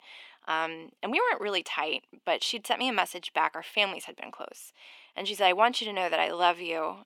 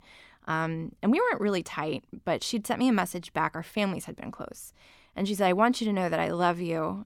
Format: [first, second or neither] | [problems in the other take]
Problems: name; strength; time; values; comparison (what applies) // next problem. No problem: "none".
second | thin; somewhat; fading below 350 Hz